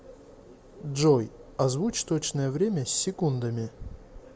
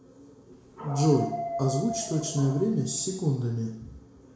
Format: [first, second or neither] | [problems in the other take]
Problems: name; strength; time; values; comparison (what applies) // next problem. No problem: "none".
first | background sound (Dog); 9 dB below the speech // room echo; dies away in 0.6 s